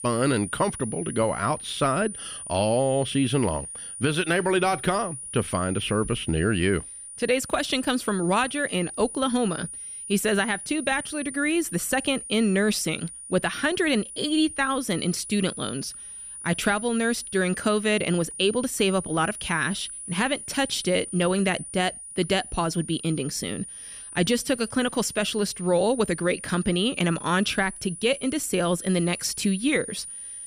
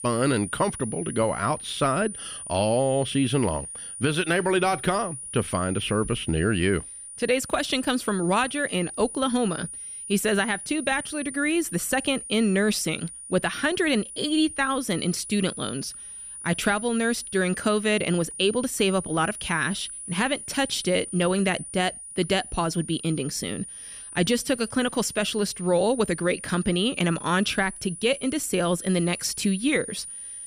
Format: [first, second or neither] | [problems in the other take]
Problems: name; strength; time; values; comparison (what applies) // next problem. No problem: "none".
neither | high-pitched whine; noticeable; throughout; 9.5 kHz, 10 dB below the speech; the same in both